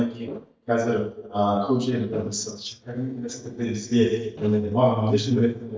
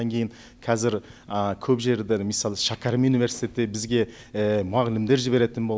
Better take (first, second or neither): second